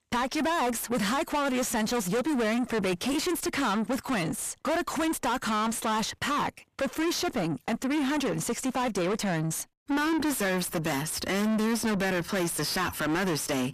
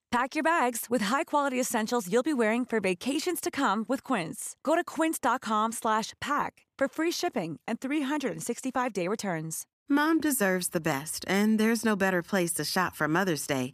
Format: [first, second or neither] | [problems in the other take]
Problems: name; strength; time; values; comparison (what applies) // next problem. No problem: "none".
second | distortion; heavy; 5 dB below the speech